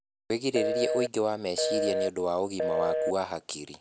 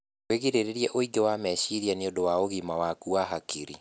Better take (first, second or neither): second